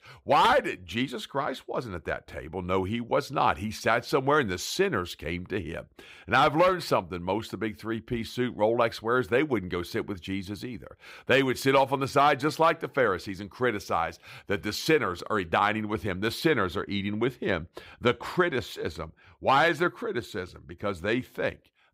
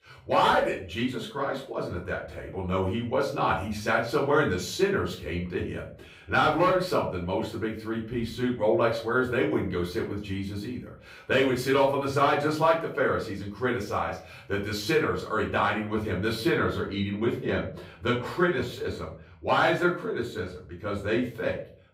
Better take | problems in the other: first | off-mic speech; far // room echo; slight; dies away in 0.4 s

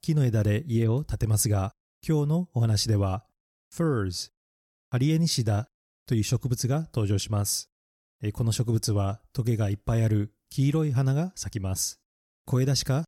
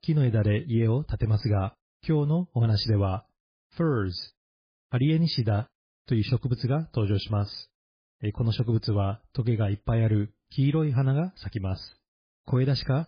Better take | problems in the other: first | garbled, watery; badly; nothing above 5 kHz

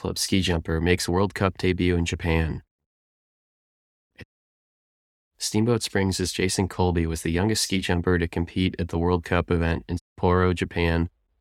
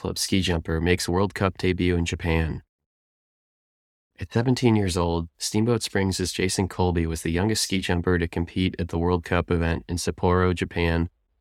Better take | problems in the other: second | audio cutting out; at 4 s for 1 s and at 10 s

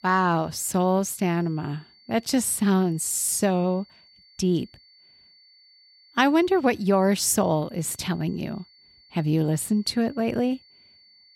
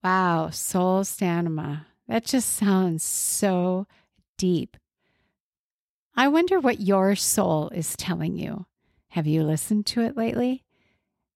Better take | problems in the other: second | high-pitched whine; faint; throughout; 4.5 kHz, 30 dB below the speech

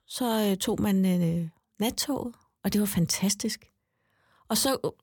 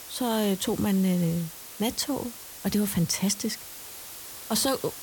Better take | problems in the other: first | hiss; noticeable; throughout; 10 dB below the speech

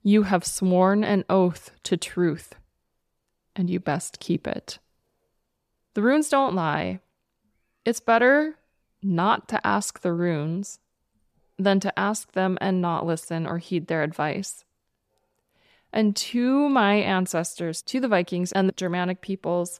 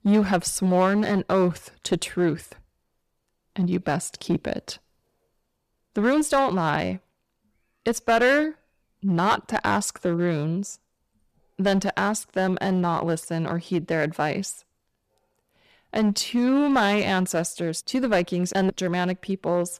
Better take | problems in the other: first | distortion; slight; 5% of the sound clipped

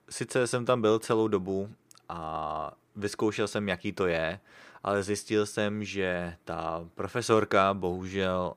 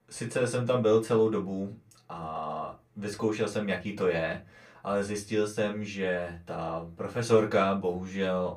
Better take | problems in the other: first | off-mic speech; far // room echo; very slight; dies away in 0.2 s

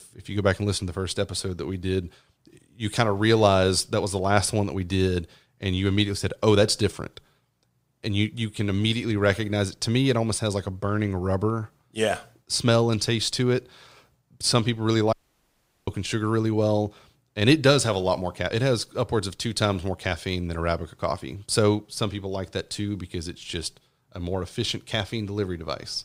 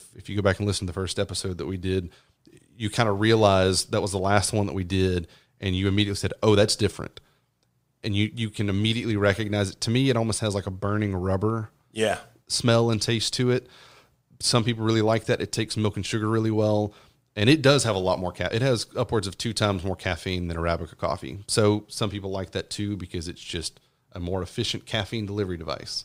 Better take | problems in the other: second | audio cutting out; at 15 s for 0.5 s

